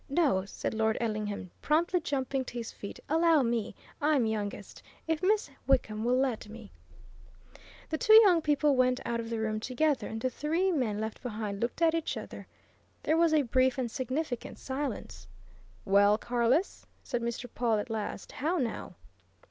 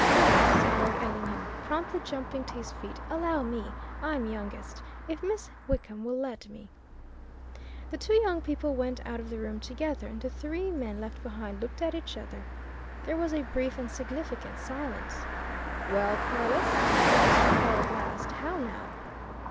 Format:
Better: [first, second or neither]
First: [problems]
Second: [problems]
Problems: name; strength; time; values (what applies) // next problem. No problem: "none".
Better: first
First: none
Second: background sound (Car passing by); 3 dB above the speech